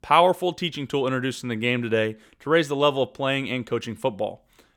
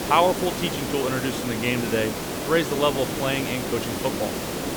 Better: first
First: none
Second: hiss; loud; throughout; 3 dB below the speech

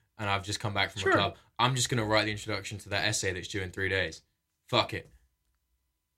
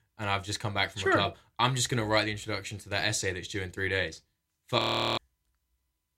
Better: first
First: none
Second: audio freezing; at 5 s

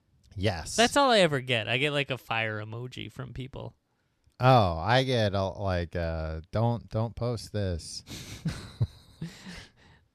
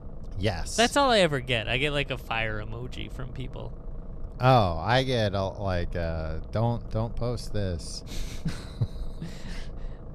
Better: first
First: none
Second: low rumble; faint; throughout; 25 dB below the speech

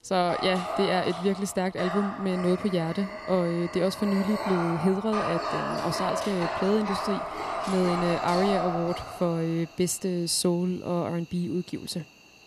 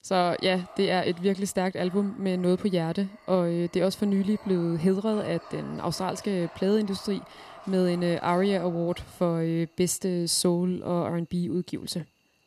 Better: second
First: animal sounds; loud; throughout; 5 dB below the speech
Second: animal sounds; faint; throughout; 20 dB below the speech

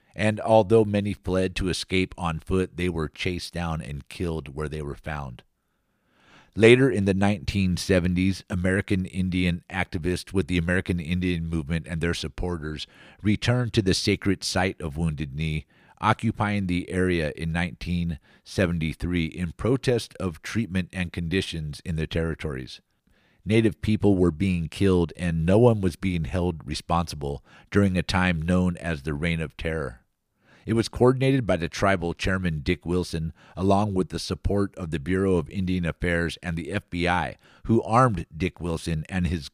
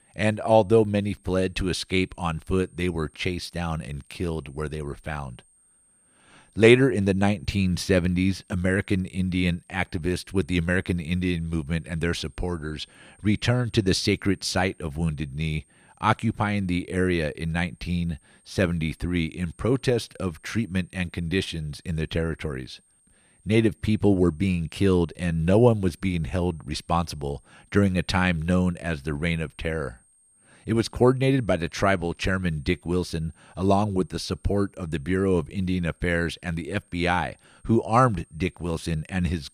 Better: first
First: none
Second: high-pitched whine; faint; throughout; 8.5 kHz, 35 dB below the speech

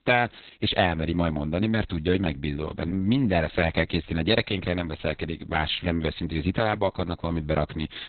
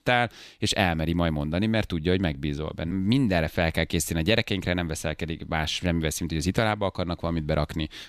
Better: second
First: garbled, watery; badly; nothing above 4 kHz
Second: none

